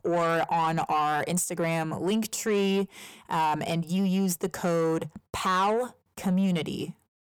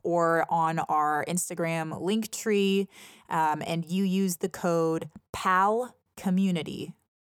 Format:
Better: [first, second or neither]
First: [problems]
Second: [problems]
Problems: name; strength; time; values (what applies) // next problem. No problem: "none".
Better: second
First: distortion; slight; 10 dB below the speech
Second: none